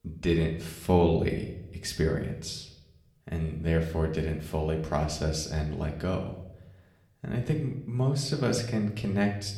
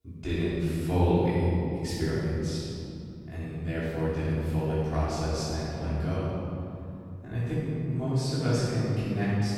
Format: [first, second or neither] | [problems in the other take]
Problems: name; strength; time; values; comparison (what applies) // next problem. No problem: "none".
first | room echo; strong; dies away in 2.7 s; slight in the first // off-mic speech; far; somewhat distant in the first